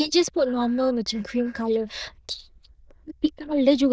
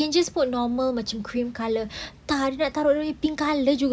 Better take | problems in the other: second | noise reduction (neural diffusion model UNIVERSE++)

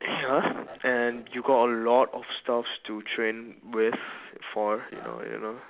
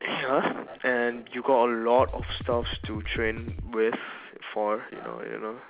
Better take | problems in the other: first | background sound (Drum kit); 7 dB below the speech

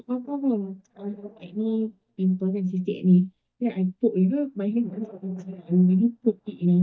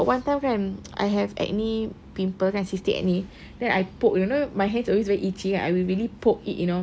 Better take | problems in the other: second | noise reduction (neural mask model DeepFilterNet 3)

